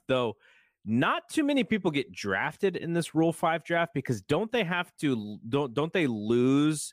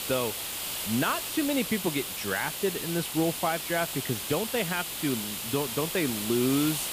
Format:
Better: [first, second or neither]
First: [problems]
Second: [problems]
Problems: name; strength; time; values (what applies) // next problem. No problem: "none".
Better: first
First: none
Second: hiss; loud; throughout; 2 dB below the speech